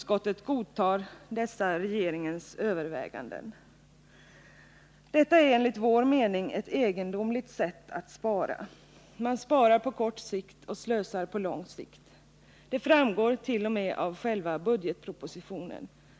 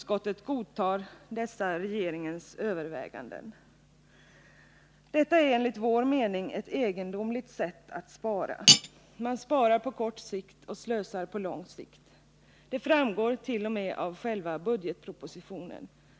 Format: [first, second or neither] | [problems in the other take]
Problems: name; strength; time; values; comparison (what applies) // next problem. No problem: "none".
first | background sound (Cutlery, silverware); 4 dB above the speech